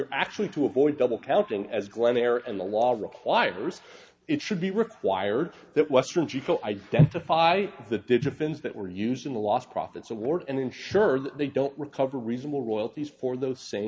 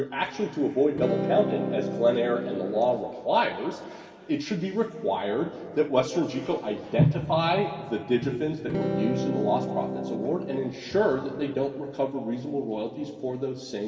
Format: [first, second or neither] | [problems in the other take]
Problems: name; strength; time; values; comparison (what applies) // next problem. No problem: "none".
first | background sound (Electric guitar / Strum); 3 dB below the speech // room echo; dies away in 2.6 s